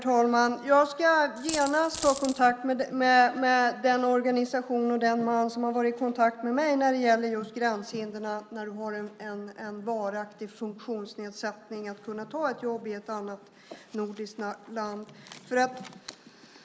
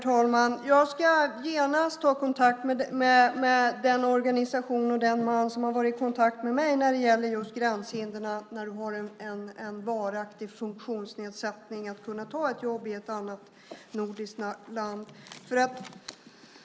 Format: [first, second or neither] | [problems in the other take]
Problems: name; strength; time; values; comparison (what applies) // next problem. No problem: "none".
second | background sound (Coin (dropping)); 10 dB below the speech